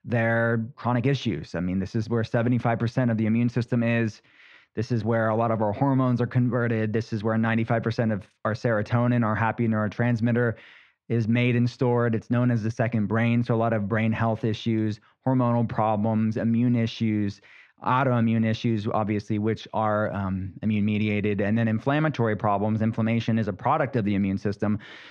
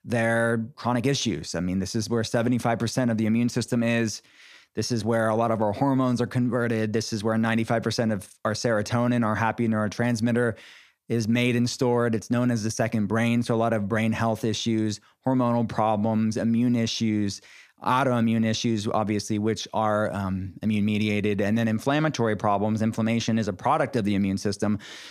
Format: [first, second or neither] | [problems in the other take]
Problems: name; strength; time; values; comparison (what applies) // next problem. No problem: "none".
second | muffled; slightly; fading above 2.5 kHz